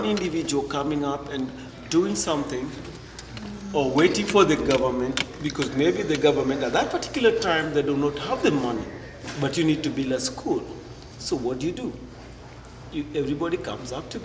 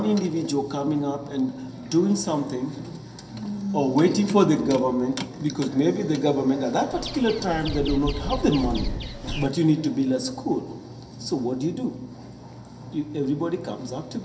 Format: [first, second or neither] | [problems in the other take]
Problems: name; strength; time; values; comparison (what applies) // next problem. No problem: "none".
first | background sound (Bird vocalization, bird call, bird song); 6 dB below the speech // room echo; dies away in 0.3 s